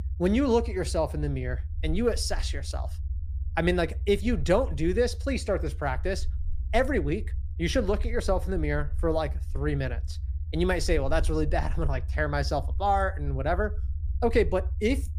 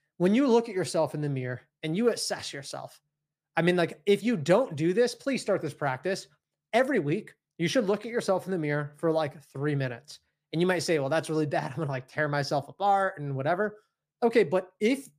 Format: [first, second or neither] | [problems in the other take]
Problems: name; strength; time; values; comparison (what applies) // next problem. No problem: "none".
second | low rumble; faint; throughout; 25 dB below the speech